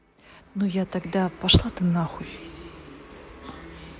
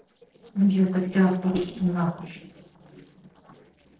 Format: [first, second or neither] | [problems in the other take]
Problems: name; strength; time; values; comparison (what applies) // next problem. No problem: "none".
first | noise reduction (neural separator model SepFormer DNS4)